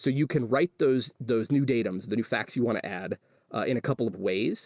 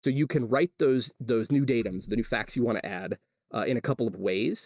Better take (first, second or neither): first